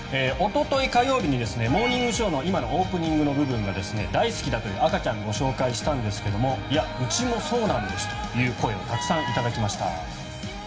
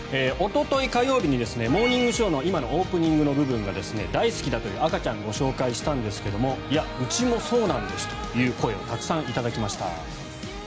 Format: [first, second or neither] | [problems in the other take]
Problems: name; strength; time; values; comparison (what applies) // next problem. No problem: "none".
second | background sound (Wind instrument, woodwind instrument); 10 dB below the speech // room echo; dies away in 1 s